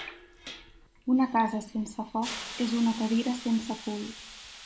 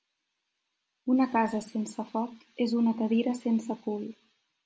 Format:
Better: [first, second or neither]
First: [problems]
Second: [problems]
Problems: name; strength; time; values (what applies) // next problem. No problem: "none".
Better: second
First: background sound (Hiss); 14 dB below the speech // room echo; dies away in 0.4 s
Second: none